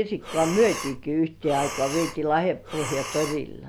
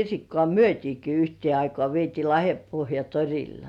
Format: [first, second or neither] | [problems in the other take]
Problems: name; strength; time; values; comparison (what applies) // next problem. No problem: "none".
second | background sound (Breathing); 10 dB below the speech